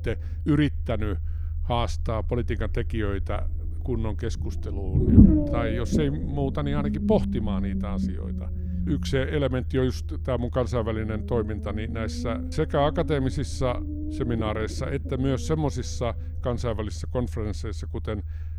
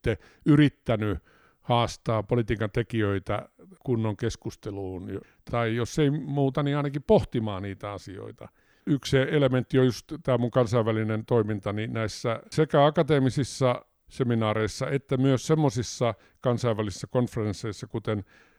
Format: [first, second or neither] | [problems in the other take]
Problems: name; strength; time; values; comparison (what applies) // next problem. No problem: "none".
second | low rumble; loud; throughout; 4 dB below the speech